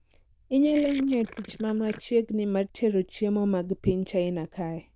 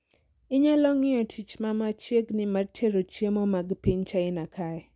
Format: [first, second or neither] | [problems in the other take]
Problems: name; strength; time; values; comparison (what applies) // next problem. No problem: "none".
second | noise reduction (neural diffusion model UNIVERSE++)